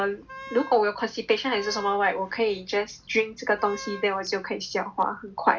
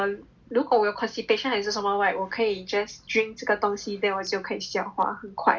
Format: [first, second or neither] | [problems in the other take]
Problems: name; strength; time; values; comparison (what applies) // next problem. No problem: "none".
second | background sound (Wind instrument, woodwind instrument); 16 dB below the speech